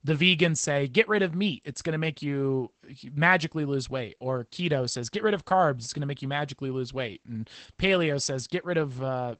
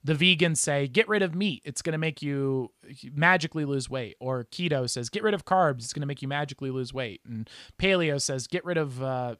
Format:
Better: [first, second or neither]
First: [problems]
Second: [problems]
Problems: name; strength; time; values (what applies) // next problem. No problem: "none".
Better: second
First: garbled, watery; badly; nothing above 8 kHz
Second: none